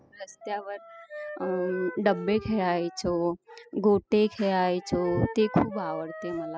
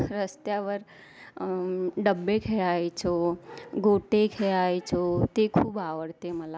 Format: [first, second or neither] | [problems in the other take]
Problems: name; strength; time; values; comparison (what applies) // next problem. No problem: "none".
second | noise reduction (classical method spectral subtraction)